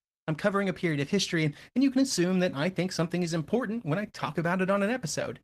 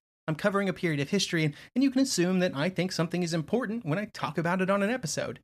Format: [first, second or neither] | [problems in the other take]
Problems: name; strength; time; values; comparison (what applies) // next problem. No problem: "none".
second | garbled, watery; slightly; nothing above 14.5 kHz